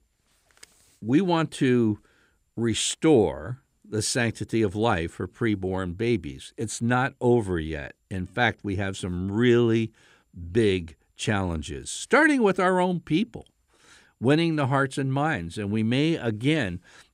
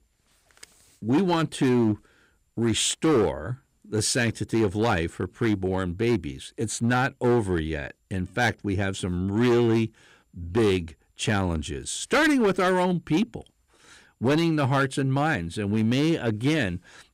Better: first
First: none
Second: distortion; slight; 7% of the sound clipped

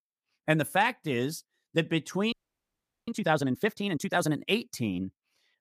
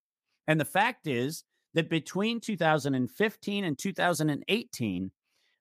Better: second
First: audio freezing; at 2.5 s for 1 s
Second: none

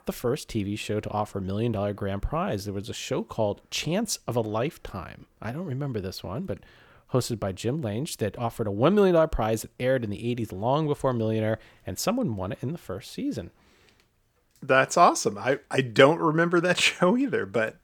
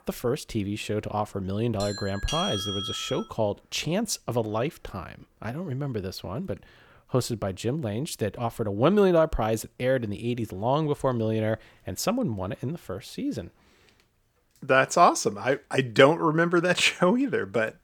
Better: first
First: none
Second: doorbell; noticeable; from 2 to 3.5 s; peak 3 dB below the speech

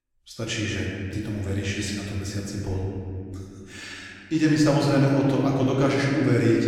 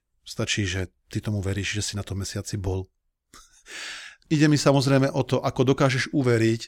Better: second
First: room echo; noticeable; dies away in 2.8 s // off-mic speech; far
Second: none

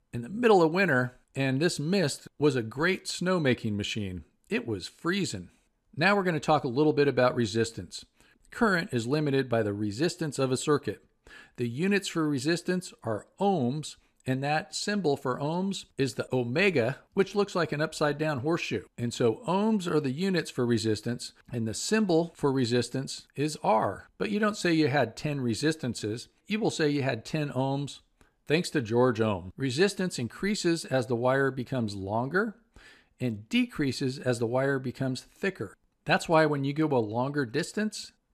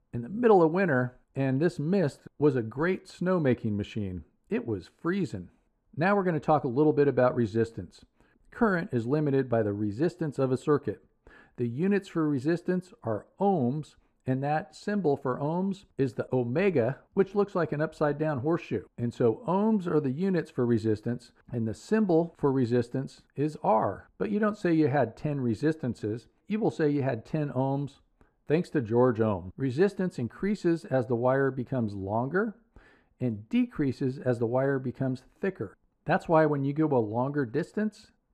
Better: first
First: none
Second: muffled; very; fading above 2 kHz

